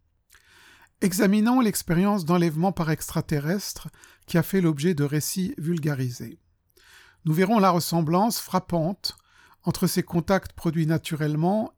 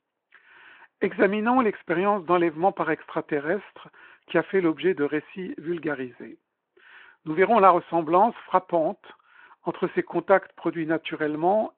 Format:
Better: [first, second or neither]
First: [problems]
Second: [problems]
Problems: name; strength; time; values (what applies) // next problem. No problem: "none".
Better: first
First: none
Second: phone-call audio